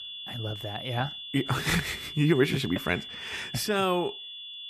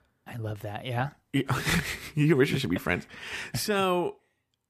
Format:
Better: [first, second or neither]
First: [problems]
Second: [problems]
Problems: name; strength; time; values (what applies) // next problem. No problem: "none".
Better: second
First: high-pitched whine; loud; throughout; 3.5 kHz, 9 dB below the speech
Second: none